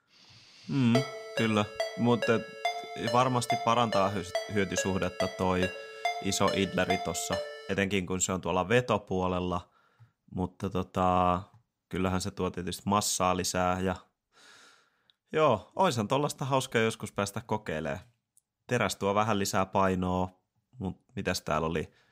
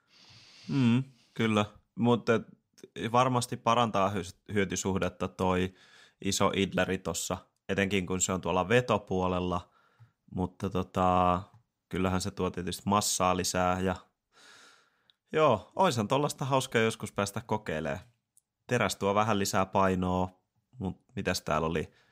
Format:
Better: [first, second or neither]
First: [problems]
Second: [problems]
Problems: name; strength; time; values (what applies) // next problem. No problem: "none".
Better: second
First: phone ringing; noticeable; from 1 to 7.5 s; peak 3 dB below the speech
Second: none